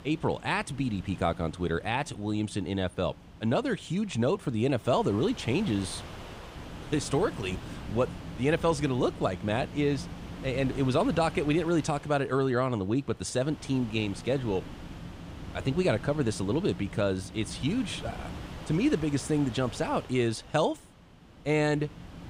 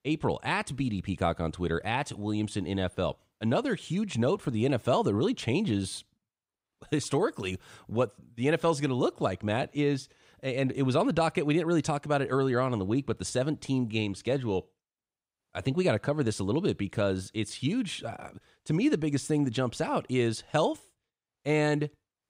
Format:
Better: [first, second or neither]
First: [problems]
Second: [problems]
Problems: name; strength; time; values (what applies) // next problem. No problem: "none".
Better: second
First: wind noise on the microphone; occasional gusts; 15 dB below the speech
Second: none